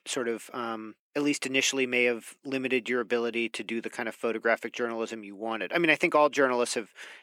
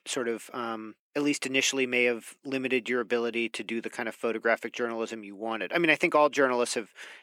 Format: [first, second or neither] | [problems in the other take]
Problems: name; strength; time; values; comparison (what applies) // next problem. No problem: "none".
neither | thin; somewhat; fading below 300 Hz; the same in both